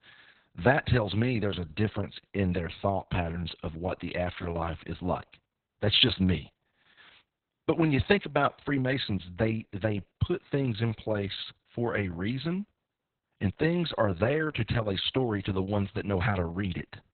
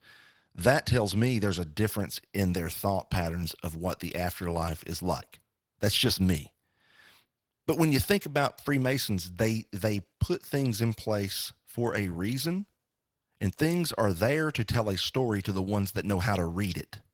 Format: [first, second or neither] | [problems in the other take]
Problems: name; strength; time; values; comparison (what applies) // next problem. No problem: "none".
second | garbled, watery; badly; nothing above 4 kHz; slightly in the second